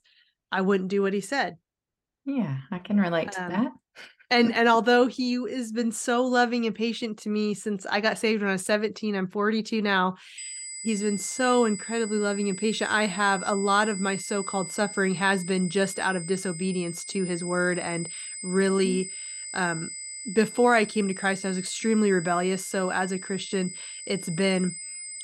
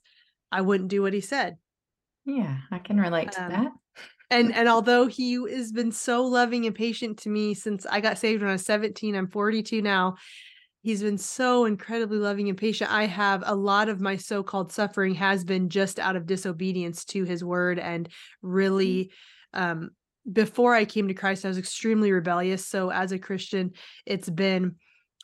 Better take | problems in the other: second | high-pitched whine; loud; from 10 s on; 8 kHz, 10 dB below the speech

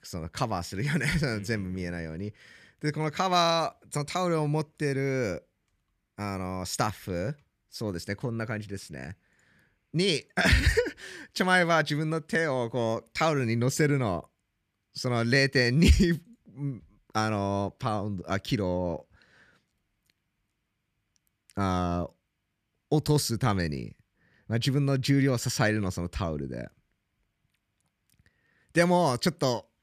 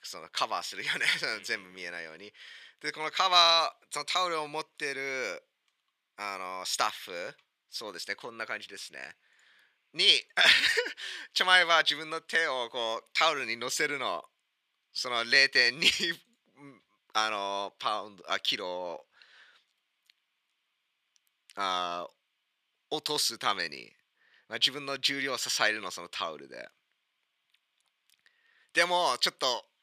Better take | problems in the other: first | thin; very; fading below 600 Hz

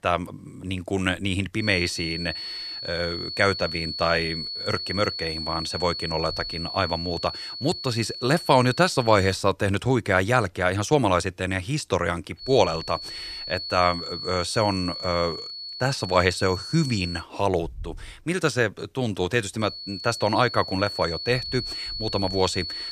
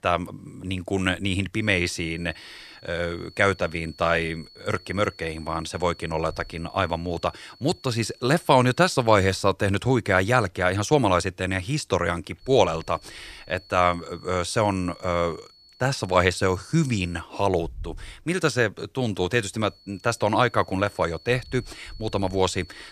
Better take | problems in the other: second | high-pitched whine; loud; from 1.5 to 9.5 s, from 12 to 17 s and from 20 s on; 4.5 kHz, 7 dB below the speech; faint in the second

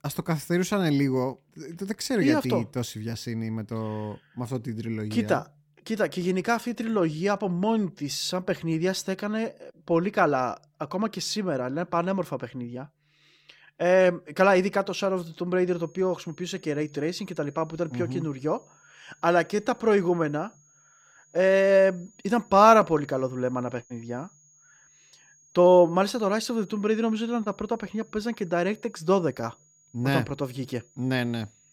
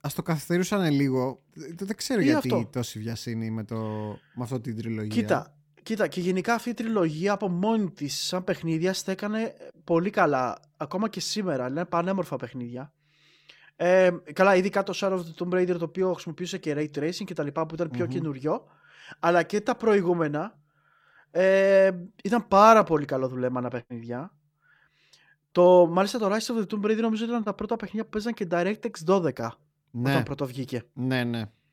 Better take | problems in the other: second | high-pitched whine; faint; from 16 s on; 6.5 kHz, 30 dB below the speech

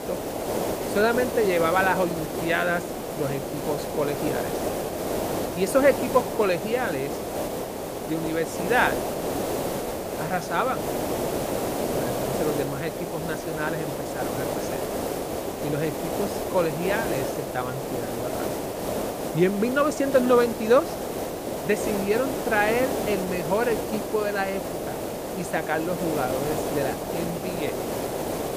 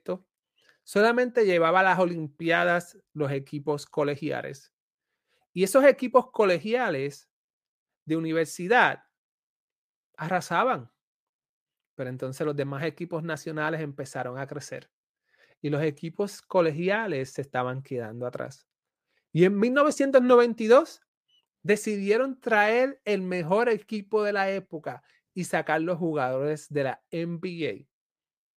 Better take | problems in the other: second | hiss; loud; throughout; 3 dB below the speech

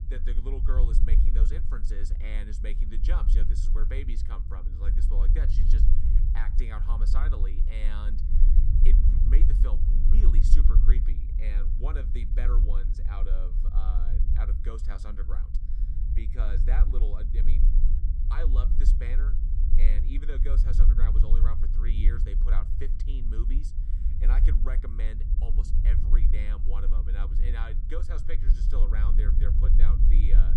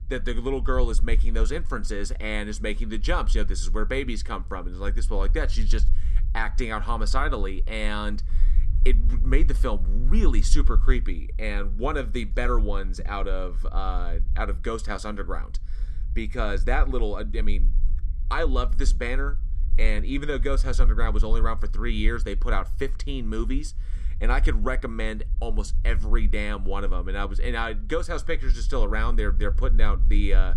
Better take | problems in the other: second | low rumble; loud; throughout; 4 dB below the speech; faint in the second

